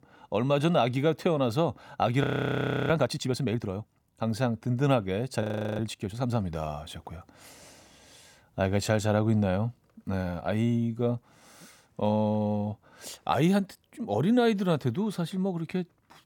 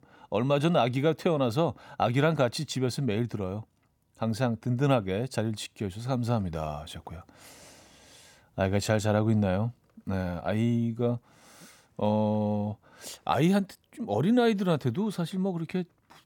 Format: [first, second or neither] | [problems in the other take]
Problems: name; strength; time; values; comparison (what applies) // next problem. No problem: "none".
second | audio freezing; at 2 s for 0.5 s and at 5.5 s